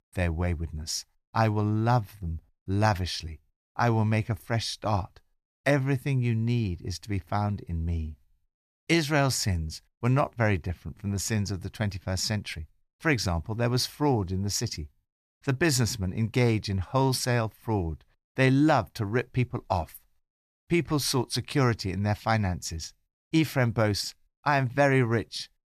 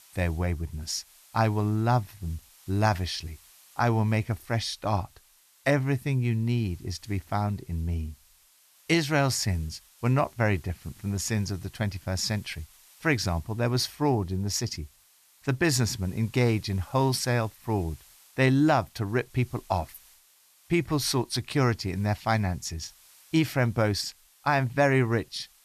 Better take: first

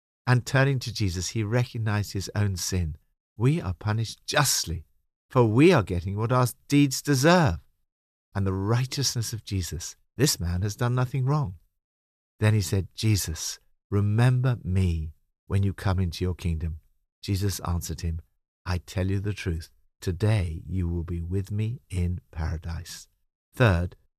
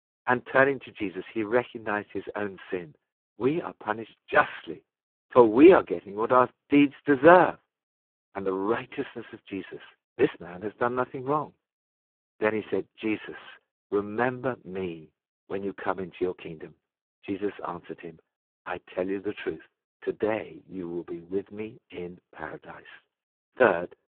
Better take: first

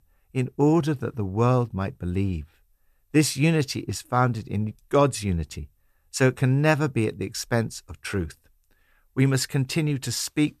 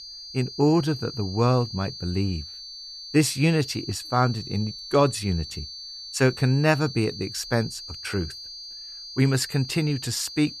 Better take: first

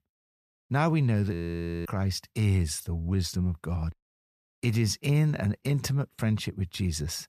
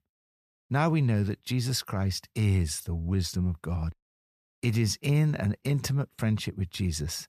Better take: second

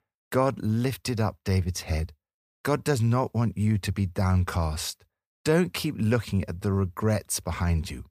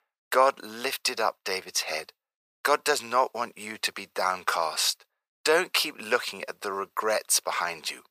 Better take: first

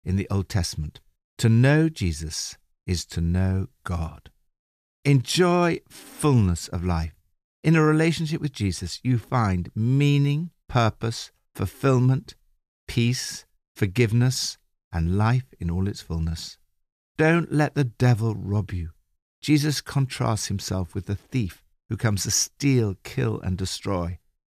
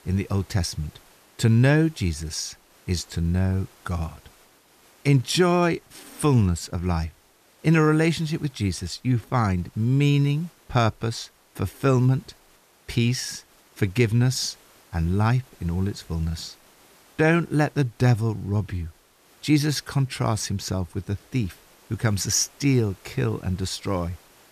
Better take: first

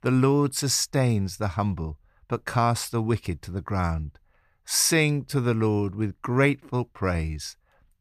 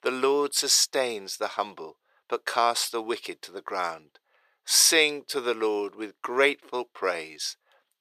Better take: first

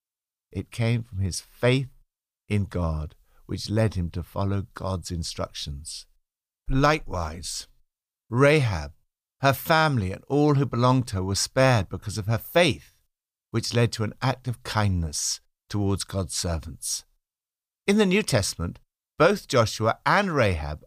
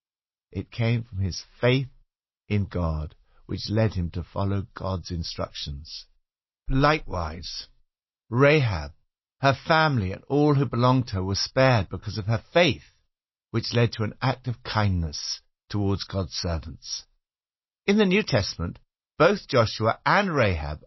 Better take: first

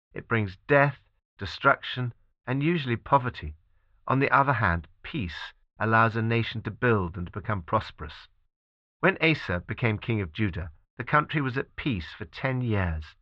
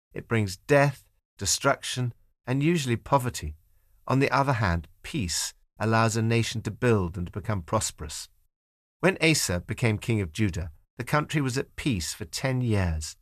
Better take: second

